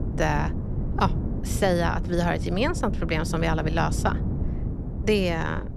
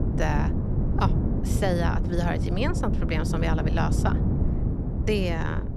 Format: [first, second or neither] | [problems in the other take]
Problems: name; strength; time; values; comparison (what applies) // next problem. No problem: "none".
first | wind noise on the microphone; heavy; 6 dB below the speech; occasional gusts in the first